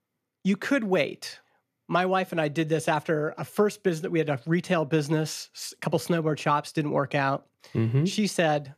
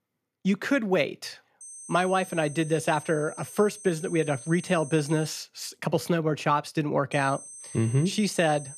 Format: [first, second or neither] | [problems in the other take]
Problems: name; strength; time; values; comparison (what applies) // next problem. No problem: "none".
first | high-pitched whine; noticeable; from 1.5 to 5.5 s and from 7 s on; 8.5 kHz, 15 dB below the speech